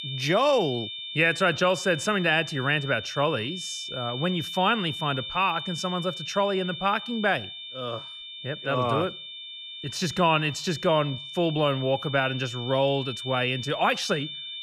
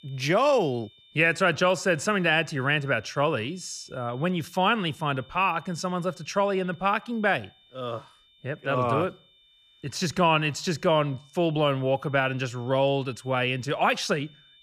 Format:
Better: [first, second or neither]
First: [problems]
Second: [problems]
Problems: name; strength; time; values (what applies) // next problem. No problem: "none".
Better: second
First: high-pitched whine; loud; throughout; 3.5 kHz, 9 dB below the speech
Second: high-pitched whine; faint; throughout; 3.5 kHz, 30 dB below the speech